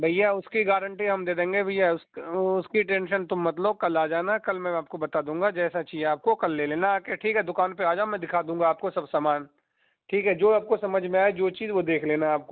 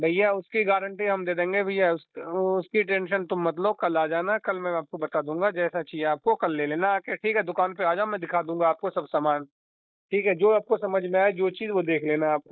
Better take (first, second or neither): first